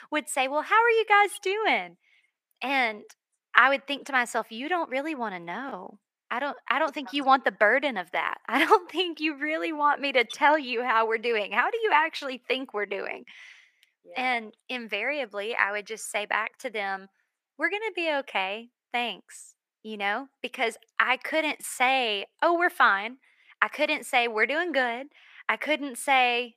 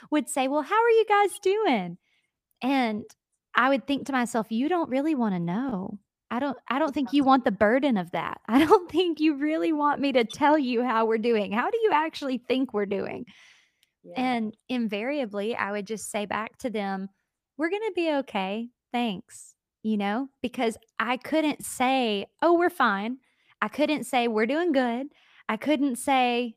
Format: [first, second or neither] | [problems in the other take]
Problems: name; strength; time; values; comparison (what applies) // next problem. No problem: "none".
second | thin; somewhat; fading below 450 Hz